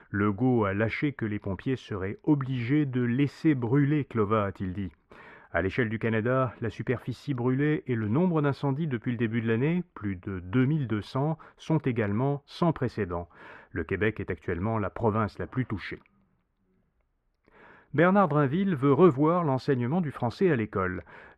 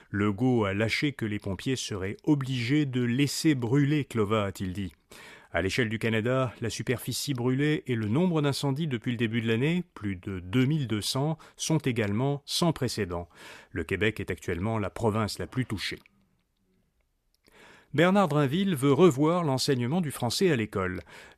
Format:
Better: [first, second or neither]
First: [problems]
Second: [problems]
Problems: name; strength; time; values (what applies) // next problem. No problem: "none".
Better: second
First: muffled; very; fading above 3.5 kHz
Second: none